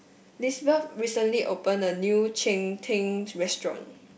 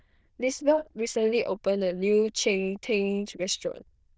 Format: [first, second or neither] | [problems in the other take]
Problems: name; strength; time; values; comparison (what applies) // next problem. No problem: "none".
first | noise reduction (neural diffusion model UNIVERSE++)